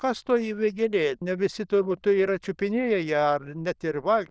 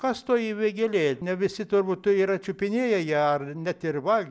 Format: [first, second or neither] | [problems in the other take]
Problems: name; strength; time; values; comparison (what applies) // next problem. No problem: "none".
second | noise reduction (neural diffusion model UNIVERSE++)